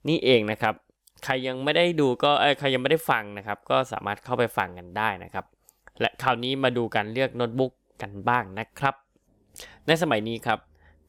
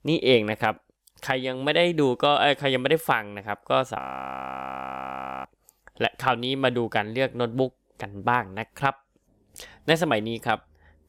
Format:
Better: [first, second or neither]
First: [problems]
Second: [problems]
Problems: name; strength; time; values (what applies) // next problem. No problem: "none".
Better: first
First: none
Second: audio freezing; at 4 s for 1.5 s